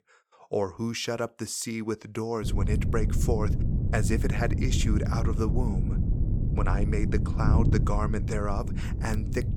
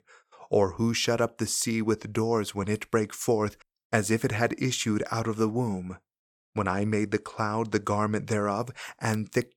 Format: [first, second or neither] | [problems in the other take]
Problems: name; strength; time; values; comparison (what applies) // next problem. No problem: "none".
second | wind noise on the microphone; heavy; from 2.5 s on; 7 dB below the speech